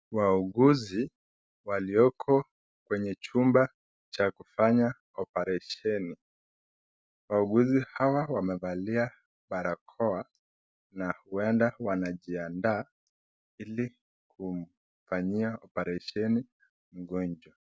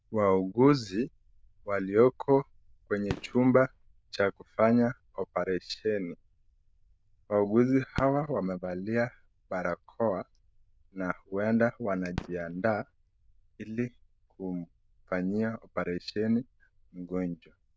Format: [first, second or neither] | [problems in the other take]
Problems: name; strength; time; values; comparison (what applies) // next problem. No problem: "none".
first | noise reduction (neural diffusion model UNIVERSE++)